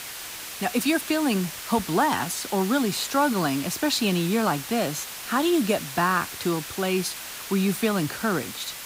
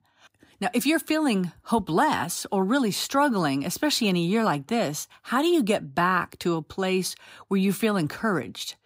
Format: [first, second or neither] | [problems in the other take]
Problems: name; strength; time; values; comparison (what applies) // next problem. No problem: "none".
second | hiss; loud; throughout; 9 dB below the speech